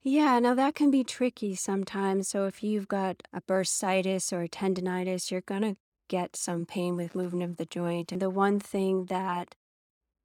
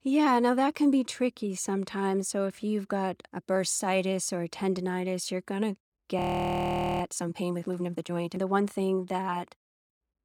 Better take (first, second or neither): first